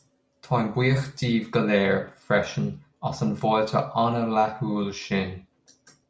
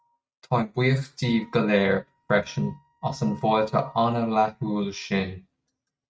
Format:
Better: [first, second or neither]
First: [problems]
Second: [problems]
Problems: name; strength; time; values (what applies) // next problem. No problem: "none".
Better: first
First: none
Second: noise reduction (neural mask model RNNoise)